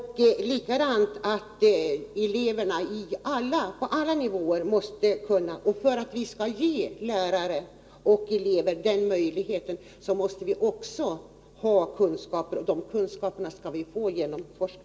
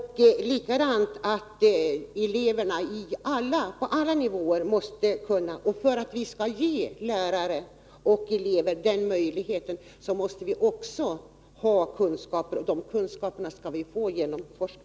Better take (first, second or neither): second